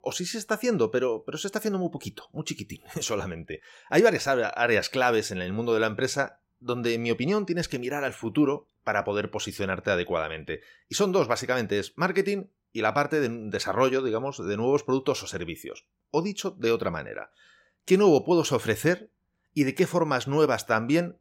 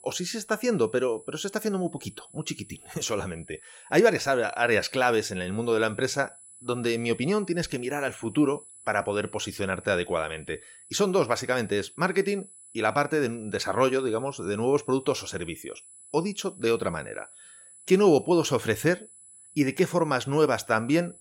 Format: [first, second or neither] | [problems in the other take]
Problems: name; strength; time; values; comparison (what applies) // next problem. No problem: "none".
first | high-pitched whine; faint; throughout; 10 kHz, 20 dB below the speech